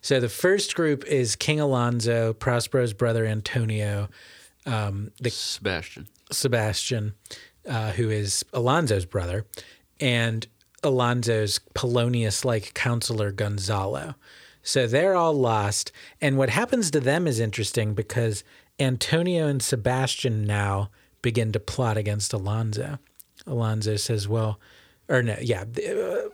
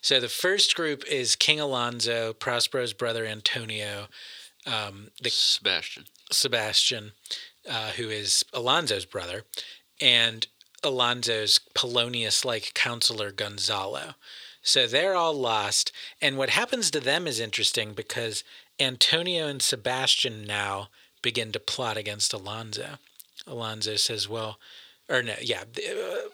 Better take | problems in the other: first | thin; somewhat; fading below 650 Hz

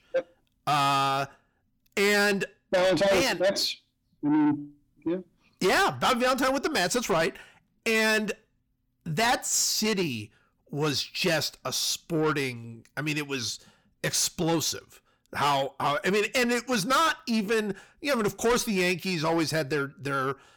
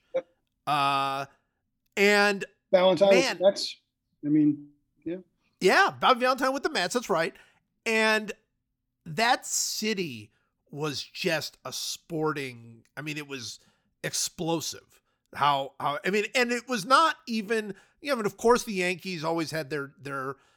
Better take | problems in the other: second | distortion; heavy; 6 dB below the speech

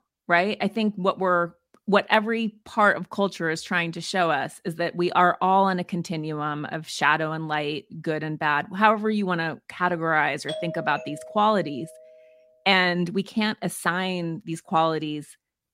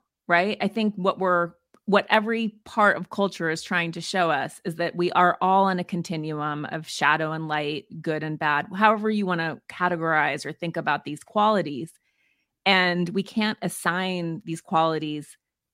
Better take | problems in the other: second | doorbell; noticeable; from 10 to 12 s; peak 9 dB below the speech

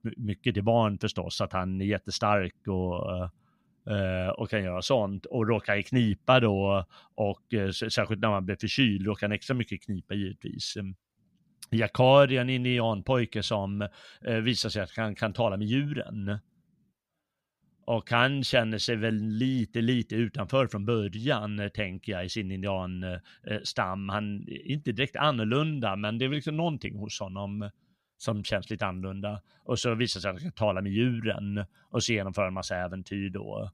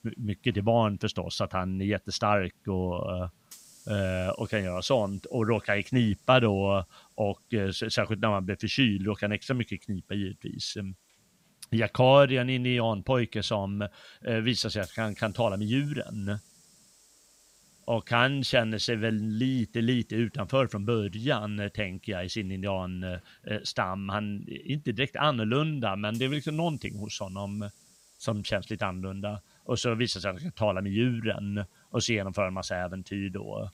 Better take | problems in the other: first | hiss; faint; throughout; 30 dB below the speech

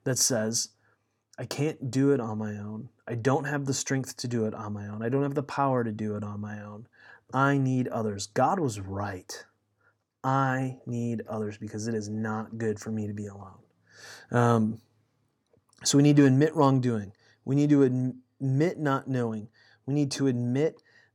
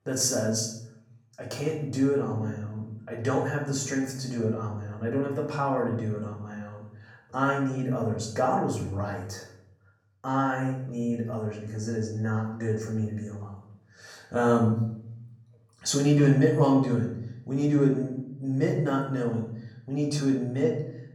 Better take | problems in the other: first | off-mic speech; far // room echo; noticeable; dies away in 0.7 s

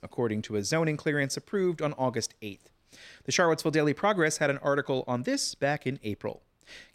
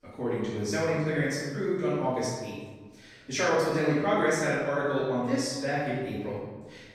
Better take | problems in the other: first | off-mic speech; far // room echo; strong; dies away in 1.2 s

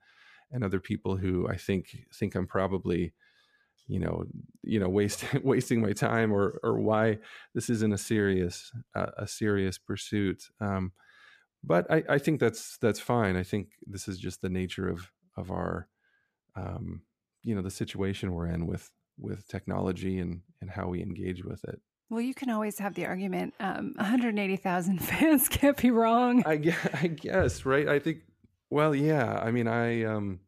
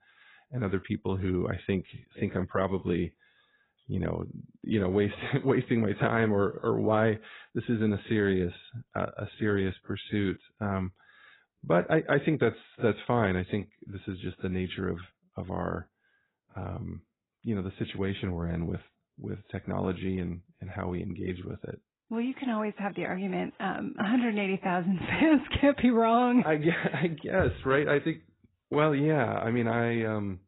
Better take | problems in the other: first | garbled, watery; badly; nothing above 4 kHz

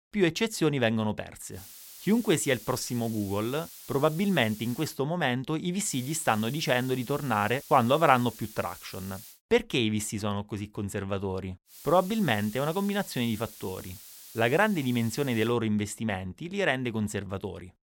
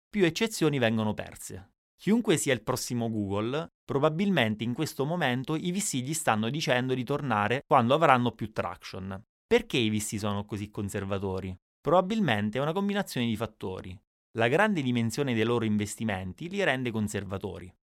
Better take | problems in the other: second | hiss; noticeable; from 1.5 to 5 s, from 6 to 9.5 s and from 12 to 15 s; 15 dB below the speech

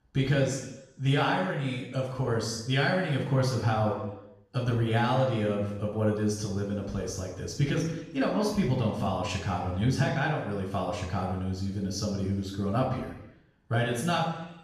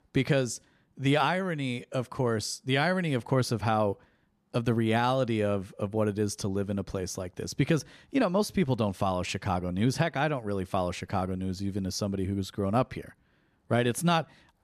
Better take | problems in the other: second | room echo; noticeable; dies away in 0.9 s // off-mic speech; far

